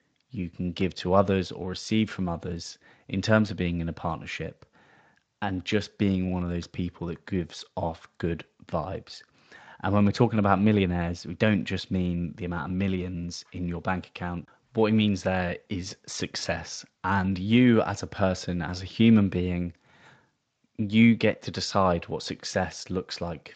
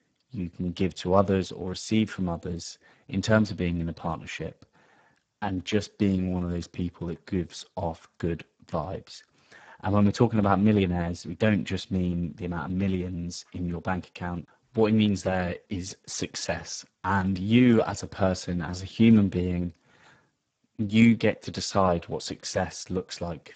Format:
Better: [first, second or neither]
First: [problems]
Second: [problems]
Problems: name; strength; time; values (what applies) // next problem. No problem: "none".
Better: first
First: garbled, watery; slightly; nothing above 7.5 kHz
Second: garbled, watery; badly; nothing above 7.5 kHz